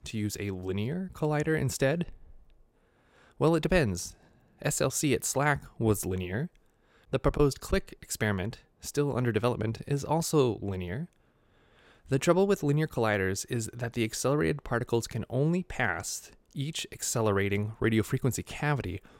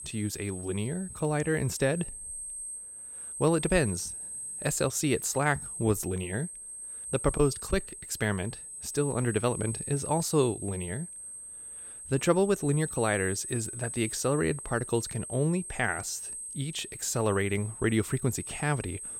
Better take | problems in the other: first | high-pitched whine; loud; throughout; 8.5 kHz, 8 dB below the speech

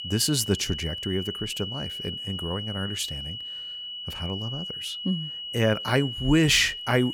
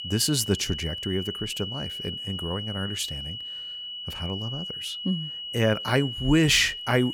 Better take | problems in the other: neither | high-pitched whine; loud; throughout; 3 kHz, 6 dB below the speech; the same in both

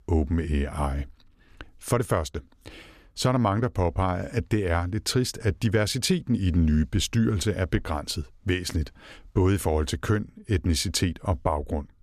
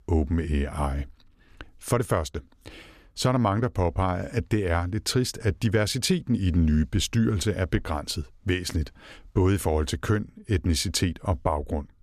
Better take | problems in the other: neither | none

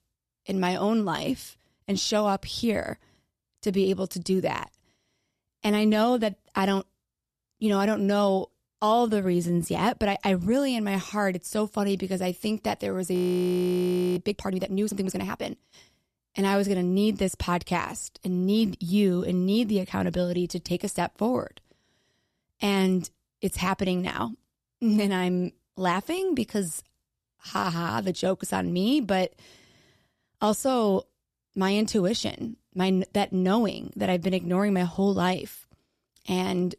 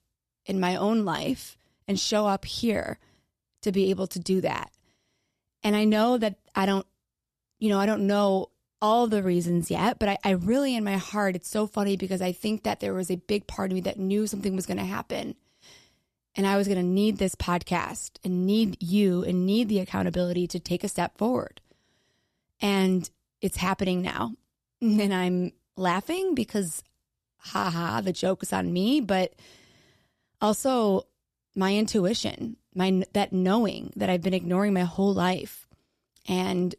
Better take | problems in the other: second | audio freezing; at 13 s for 1 s

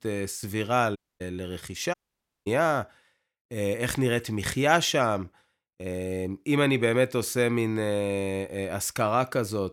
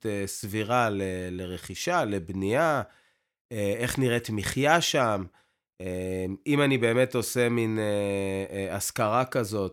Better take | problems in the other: second | audio cutting out; at 1 s and at 2 s for 0.5 s

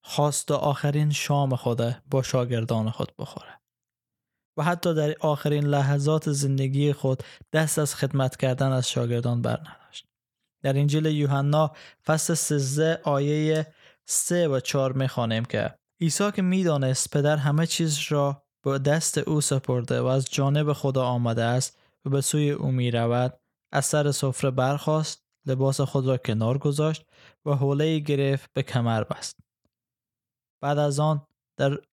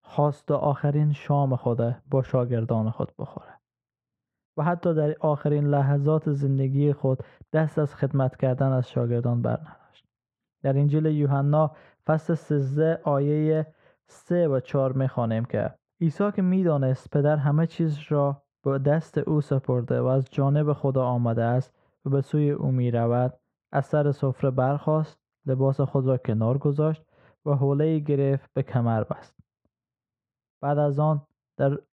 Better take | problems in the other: first | muffled; very; fading above 3.5 kHz

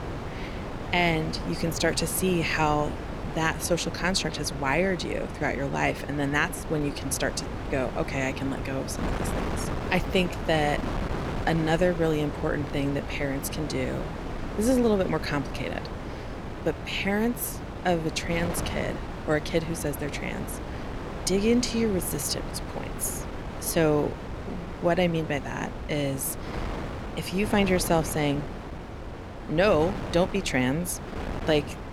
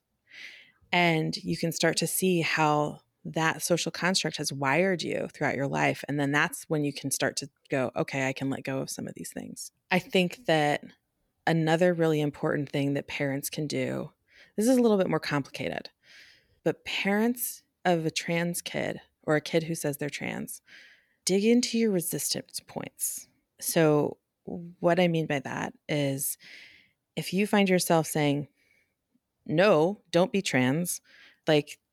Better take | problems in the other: second | wind noise on the microphone; heavy; 9 dB below the speech

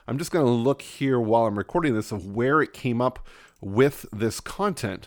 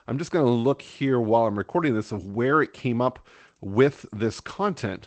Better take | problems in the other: first | garbled, watery; slightly; nothing above 8 kHz

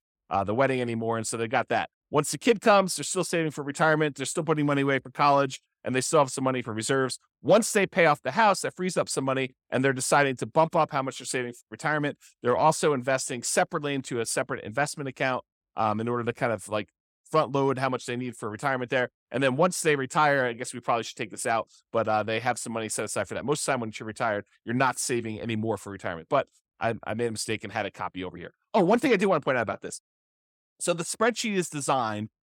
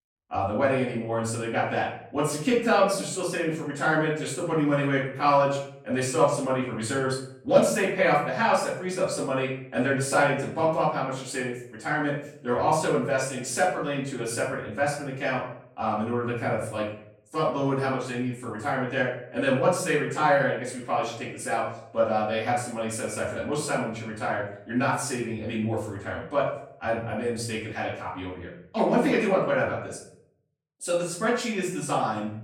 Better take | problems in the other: first | off-mic speech; far // room echo; noticeable; dies away in 0.6 s

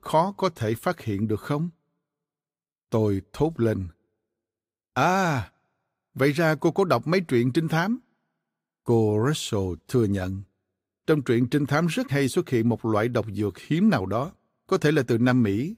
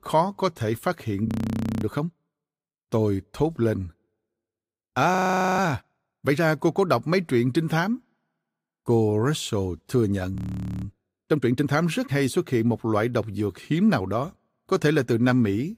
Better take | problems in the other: first | audio freezing; at 1.5 s for 0.5 s, at 5 s and at 10 s

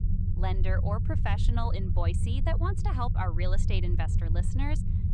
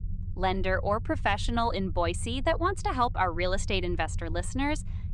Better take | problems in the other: second | low rumble; loud; throughout; 7 dB below the speech; faint in the second

